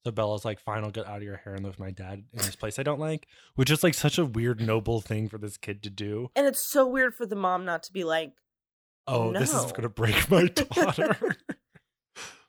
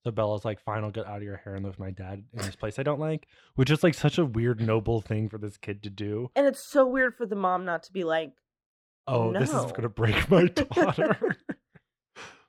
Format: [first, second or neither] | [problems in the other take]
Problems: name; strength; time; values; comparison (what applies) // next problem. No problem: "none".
first | muffled; slightly; fading above 2 kHz